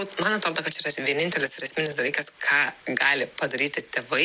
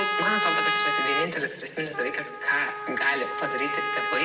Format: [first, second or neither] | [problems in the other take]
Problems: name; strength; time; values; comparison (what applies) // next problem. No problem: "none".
first | background sound (Trumpet); 1 dB above the speech // room echo; dies away in 1.5 s